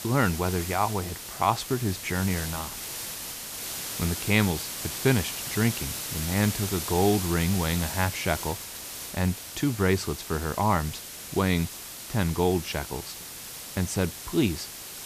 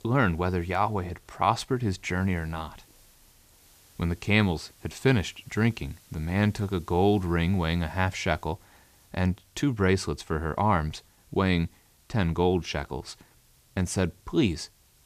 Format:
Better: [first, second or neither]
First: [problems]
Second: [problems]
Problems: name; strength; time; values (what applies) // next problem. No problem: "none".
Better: second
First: hiss; loud; throughout; 6 dB below the speech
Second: hiss; faint; throughout; 30 dB below the speech